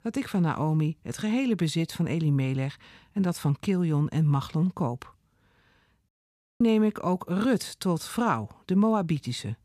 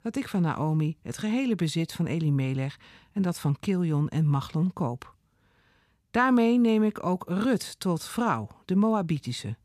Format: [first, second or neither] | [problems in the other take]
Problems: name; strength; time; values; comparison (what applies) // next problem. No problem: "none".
second | audio cutting out; at 6 s for 0.5 s